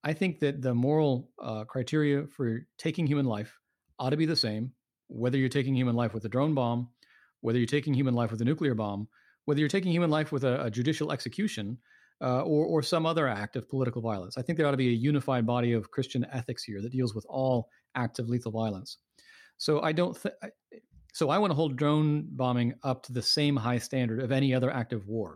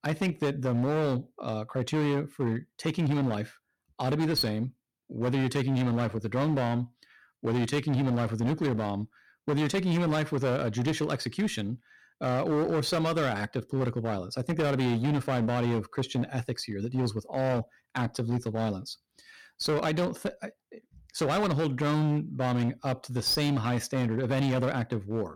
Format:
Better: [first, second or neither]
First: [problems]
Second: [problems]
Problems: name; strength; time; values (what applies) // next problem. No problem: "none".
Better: first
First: none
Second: distortion; slight; 18% of the sound clipped